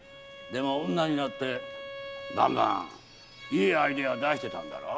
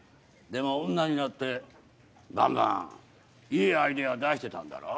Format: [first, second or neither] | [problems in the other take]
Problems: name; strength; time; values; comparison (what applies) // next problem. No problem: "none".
second | background sound (Bowed string instrument); 13 dB below the speech